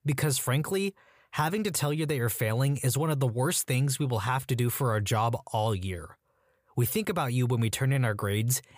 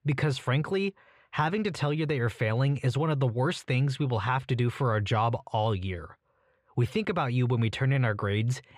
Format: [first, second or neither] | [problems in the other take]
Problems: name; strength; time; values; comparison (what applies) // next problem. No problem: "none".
first | muffled; slightly; fading above 3 kHz